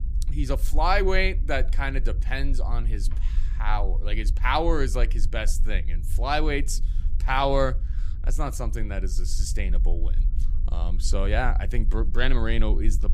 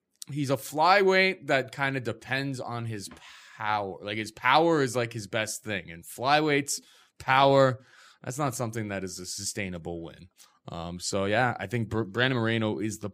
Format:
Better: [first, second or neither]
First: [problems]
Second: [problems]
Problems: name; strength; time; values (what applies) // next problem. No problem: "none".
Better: second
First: low rumble; faint; throughout; 20 dB below the speech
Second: none